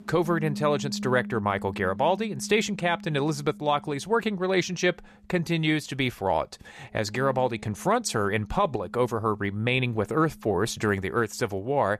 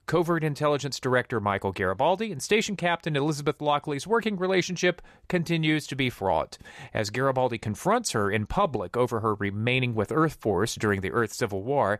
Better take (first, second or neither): second